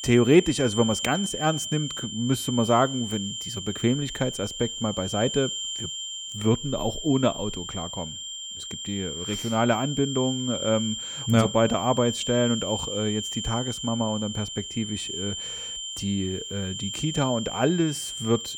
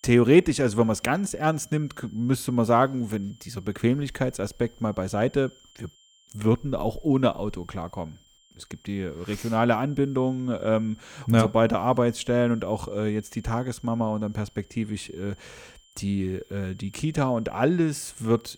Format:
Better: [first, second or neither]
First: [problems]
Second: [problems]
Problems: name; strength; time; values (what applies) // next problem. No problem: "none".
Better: second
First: high-pitched whine; loud; throughout; 3 kHz, 5 dB below the speech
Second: high-pitched whine; faint; throughout; 3 kHz, 30 dB below the speech